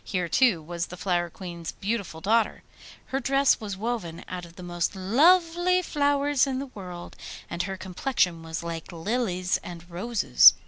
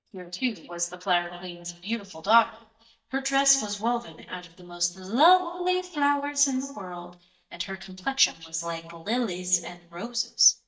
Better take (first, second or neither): first